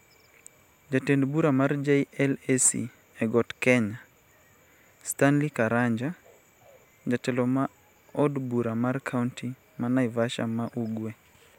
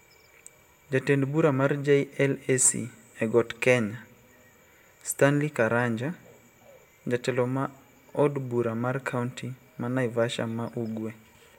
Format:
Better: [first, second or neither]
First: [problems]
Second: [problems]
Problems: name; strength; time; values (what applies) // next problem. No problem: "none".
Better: first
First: none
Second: room echo; dies away in 0.3 s